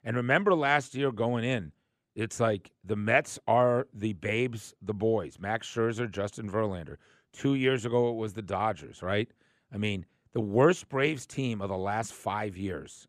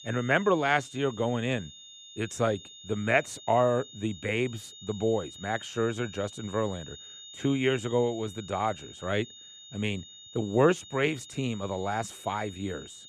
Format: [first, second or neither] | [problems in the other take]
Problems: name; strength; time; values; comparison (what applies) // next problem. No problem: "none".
first | high-pitched whine; noticeable; throughout; 3.5 kHz, 15 dB below the speech